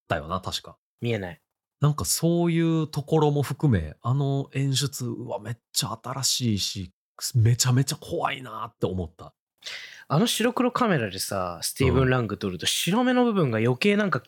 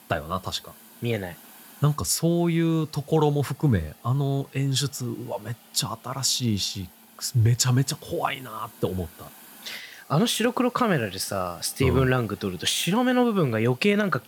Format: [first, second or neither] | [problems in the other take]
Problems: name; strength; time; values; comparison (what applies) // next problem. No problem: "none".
first | hiss; faint; throughout; 25 dB below the speech